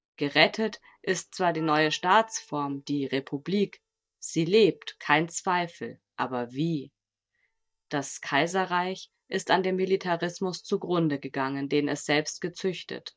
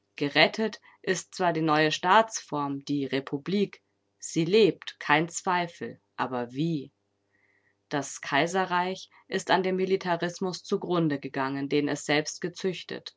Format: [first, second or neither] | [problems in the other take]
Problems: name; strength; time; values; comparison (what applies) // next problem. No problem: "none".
second | noise reduction (neural mask model DeepFilterNet 3)